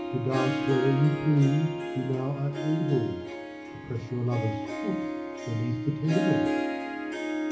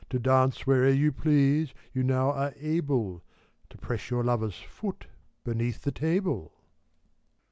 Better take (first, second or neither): second